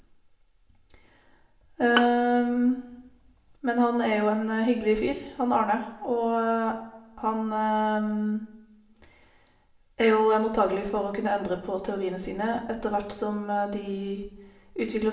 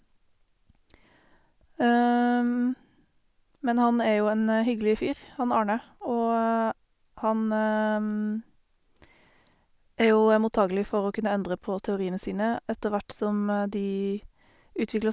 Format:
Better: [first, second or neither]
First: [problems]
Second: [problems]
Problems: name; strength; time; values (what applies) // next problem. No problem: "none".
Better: second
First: background sound (Bowed string instrument); 8 dB below the speech // room echo; dies away in 0.7 s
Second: none